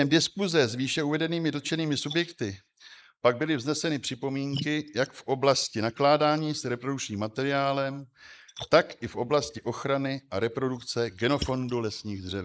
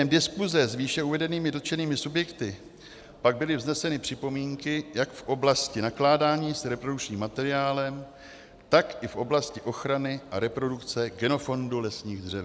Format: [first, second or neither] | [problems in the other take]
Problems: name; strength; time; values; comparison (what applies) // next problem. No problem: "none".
second | noise reduction (neural mask model Resemble Enhance denoiser)